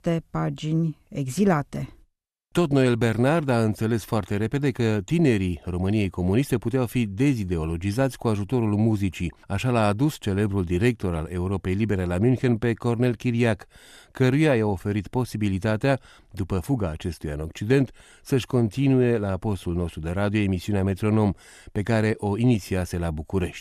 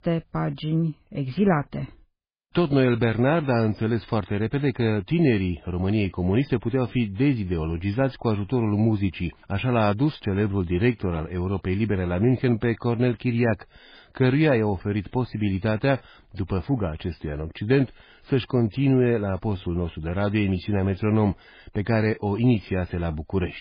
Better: first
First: none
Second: garbled, watery; badly; nothing above 4.5 kHz

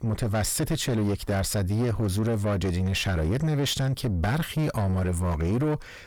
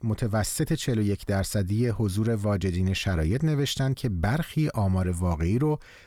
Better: second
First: distortion; slight; 10 dB below the speech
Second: none

